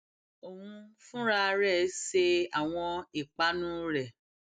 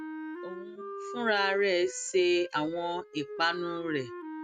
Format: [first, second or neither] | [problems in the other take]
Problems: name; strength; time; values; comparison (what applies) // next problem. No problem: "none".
first | noise reduction (neural mask model RNNoise)